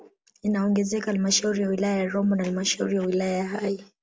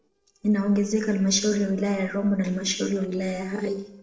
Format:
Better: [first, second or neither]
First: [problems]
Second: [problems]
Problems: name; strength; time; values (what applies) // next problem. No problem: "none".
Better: first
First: none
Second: noise reduction (neural separator model SepFormer DNS4)